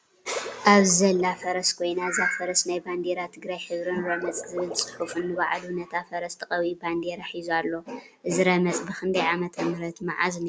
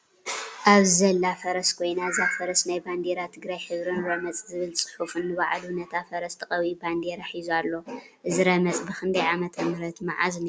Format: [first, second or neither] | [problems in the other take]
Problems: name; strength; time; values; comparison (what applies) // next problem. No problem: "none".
second | background sound (Water / Liquid); 12 dB below the speech